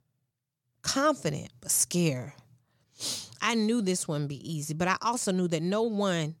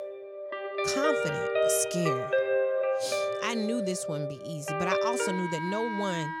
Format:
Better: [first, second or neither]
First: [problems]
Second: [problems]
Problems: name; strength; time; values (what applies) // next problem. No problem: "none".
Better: first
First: none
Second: background music; very loud; throughout; 2 dB above the speech